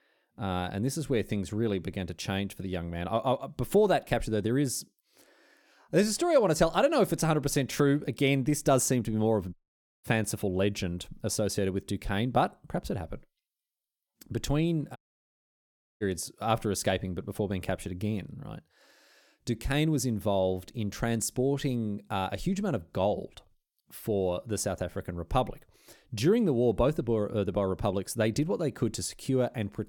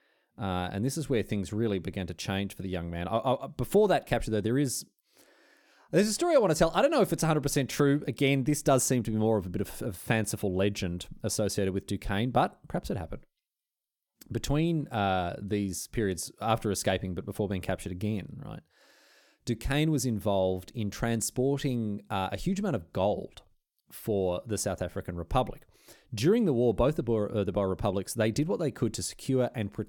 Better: second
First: audio cutting out; at 9.5 s and at 15 s for 1 s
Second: none

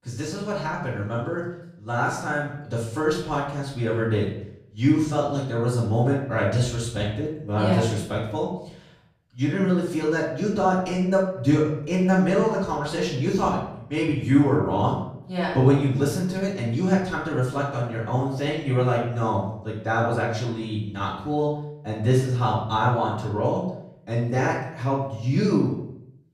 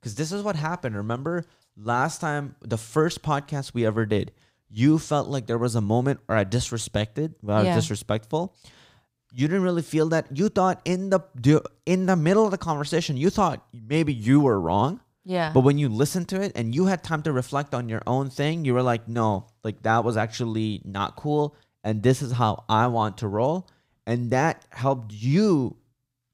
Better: second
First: off-mic speech; far // room echo; noticeable; dies away in 0.7 s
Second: none

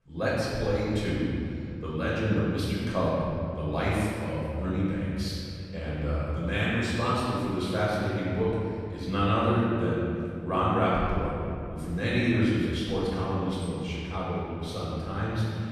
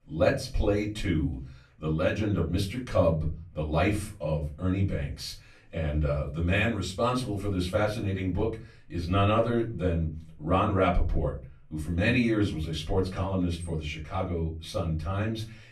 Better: second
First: room echo; strong; dies away in 2.4 s // off-mic speech; far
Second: room echo; slight; dies away in 0.4 s // off-mic speech; far

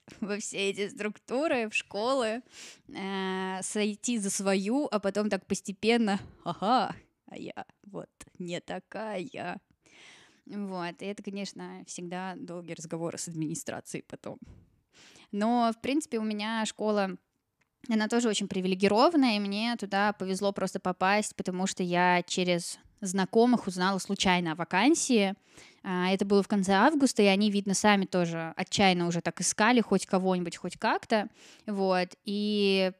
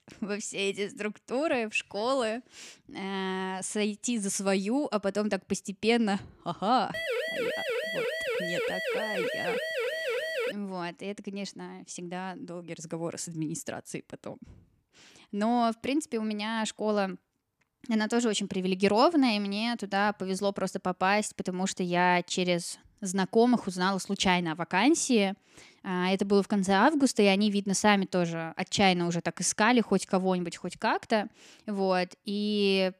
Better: first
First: none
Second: siren; noticeable; from 7 to 11 s; peak 2 dB below the speech

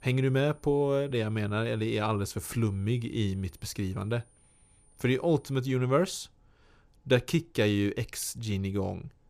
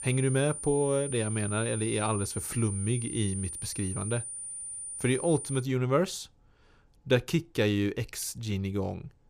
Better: first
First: high-pitched whine; faint; until 5.5 s; 9.5 kHz, 35 dB below the speech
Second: high-pitched whine; loud; until 5.5 s; 9.5 kHz, 6 dB below the speech

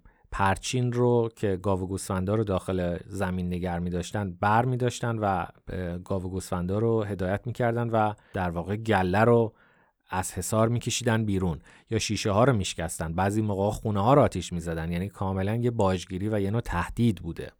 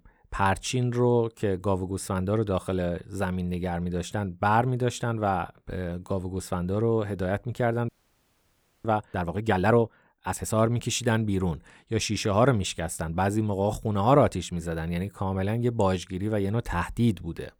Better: first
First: none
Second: audio freezing; at 8 s for 1 s

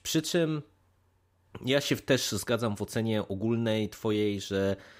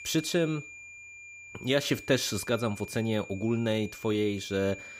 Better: first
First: none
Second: high-pitched whine; noticeable; throughout; 2.5 kHz, 15 dB below the speech

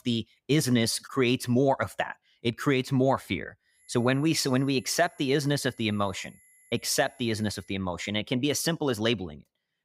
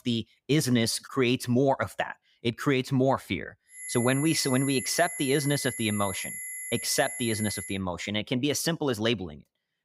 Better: first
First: high-pitched whine; faint; from 4 to 7.5 s; 11 kHz, 30 dB below the speech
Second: high-pitched whine; loud; from 4 to 7.5 s; 11 kHz, 7 dB below the speech

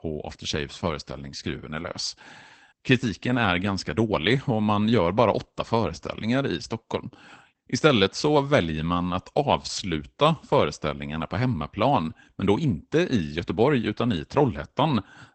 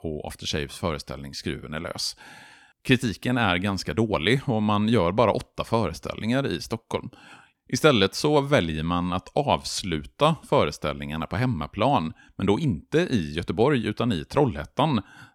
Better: second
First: garbled, watery; badly; nothing above 8 kHz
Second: none

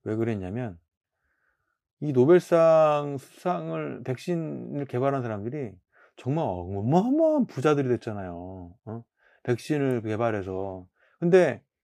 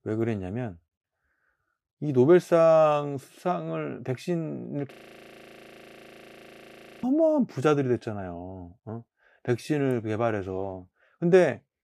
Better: first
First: none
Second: audio freezing; at 5 s for 2 s

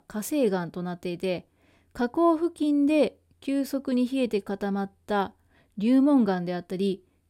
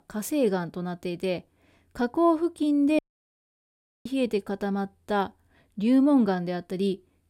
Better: first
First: none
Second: audio cutting out; at 3 s for 1 s

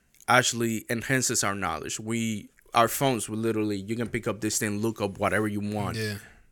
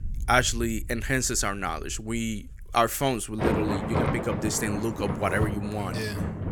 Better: first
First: none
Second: rain or running water; loud; throughout; 4 dB below the speech

